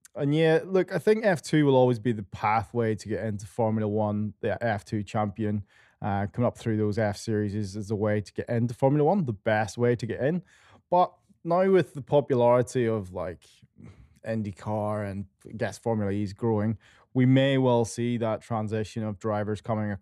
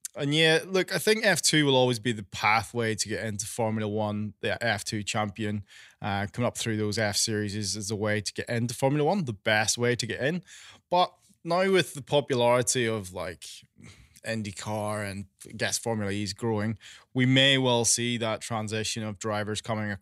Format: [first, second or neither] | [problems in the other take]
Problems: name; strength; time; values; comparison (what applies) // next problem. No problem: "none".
second | muffled; very; fading above 2 kHz